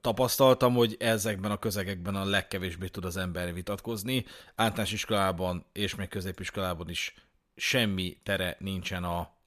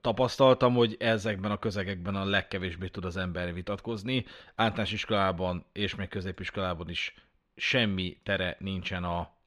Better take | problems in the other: first | muffled; very slightly; fading above 3 kHz

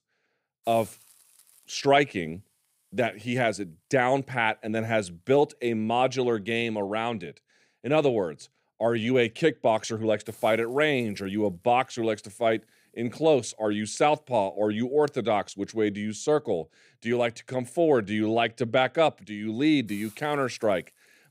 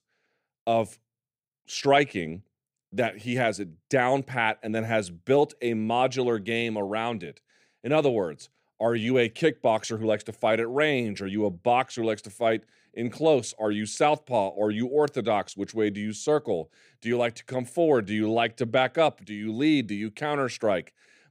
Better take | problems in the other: second | hiss; faint; throughout; 30 dB below the speech

